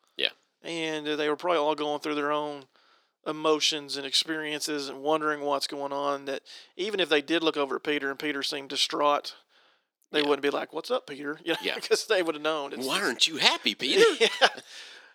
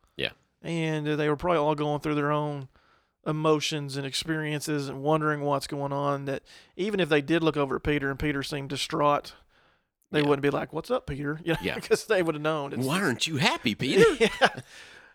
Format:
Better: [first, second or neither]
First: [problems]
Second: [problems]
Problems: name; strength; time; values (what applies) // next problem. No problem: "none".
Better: second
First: thin; very slightly; fading below 300 Hz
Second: none